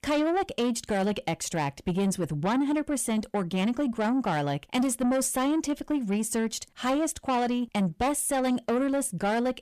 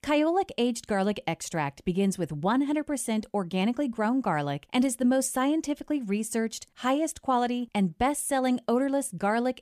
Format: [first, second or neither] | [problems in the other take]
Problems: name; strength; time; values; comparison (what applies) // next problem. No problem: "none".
second | distortion; slight; 10 dB below the speech